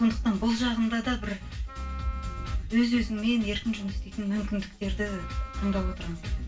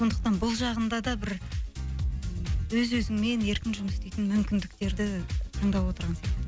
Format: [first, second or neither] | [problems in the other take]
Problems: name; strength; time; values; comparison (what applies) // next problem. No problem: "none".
second | background sound (Wind instrument, woodwind instrument); 17 dB below the speech // room echo; dies away in 0.2 s